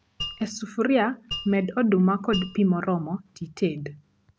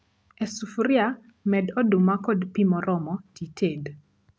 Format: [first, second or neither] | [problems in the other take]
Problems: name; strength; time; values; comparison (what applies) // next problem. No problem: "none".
second | background sound (Mallet percussion); 14 dB below the speech